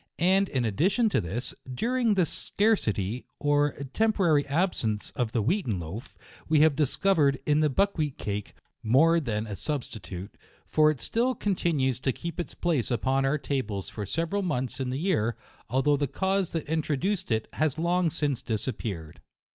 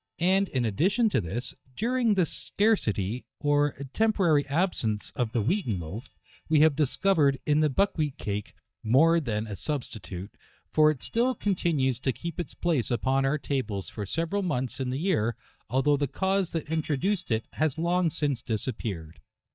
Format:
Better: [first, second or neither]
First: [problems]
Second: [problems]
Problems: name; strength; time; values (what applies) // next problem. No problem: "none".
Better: first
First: none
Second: noise reduction (neural mask model DeepFilterNet 3)